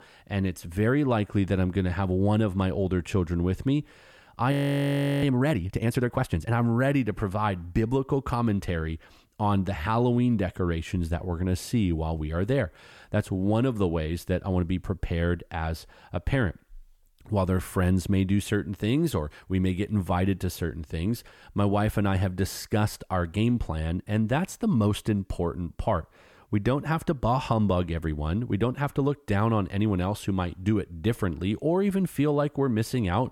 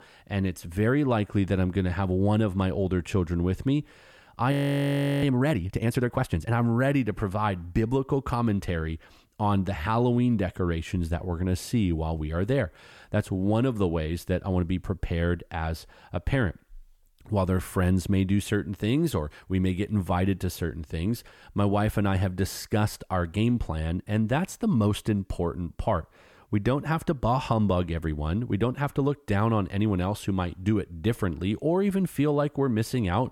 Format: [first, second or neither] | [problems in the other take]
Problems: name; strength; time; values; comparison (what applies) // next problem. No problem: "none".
neither | audio freezing; at 4.5 s for 0.5 s; the same in both